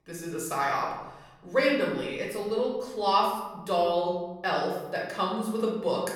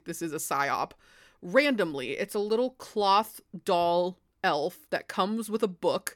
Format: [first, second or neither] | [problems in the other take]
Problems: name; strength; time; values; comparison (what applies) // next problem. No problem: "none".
second | room echo; noticeable; dies away in 1 s // off-mic speech; far